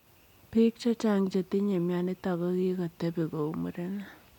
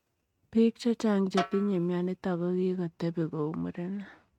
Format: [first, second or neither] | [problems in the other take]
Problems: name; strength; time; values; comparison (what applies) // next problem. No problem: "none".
first | noise reduction (neural mask model RNNoise)